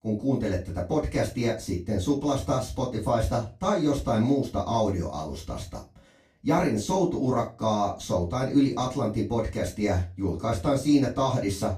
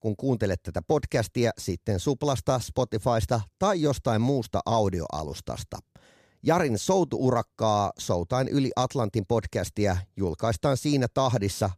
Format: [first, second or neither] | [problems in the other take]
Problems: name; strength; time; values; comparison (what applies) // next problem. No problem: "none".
second | off-mic speech; far // room echo; very slight; dies away in 0.2 s